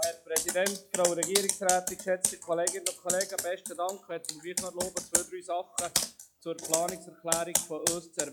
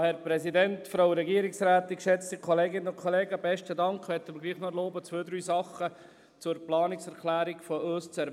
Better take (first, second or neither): second